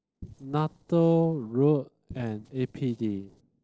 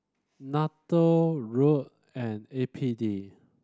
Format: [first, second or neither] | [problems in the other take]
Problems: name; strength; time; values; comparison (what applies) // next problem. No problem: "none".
second | noise reduction (neural separator model SepFormer DNS4)